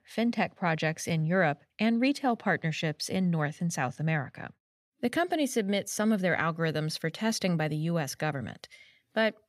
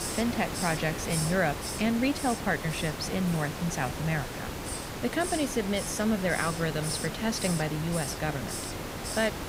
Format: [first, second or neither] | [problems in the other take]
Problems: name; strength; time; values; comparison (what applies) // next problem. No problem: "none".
first | hiss; loud; throughout; 5 dB below the speech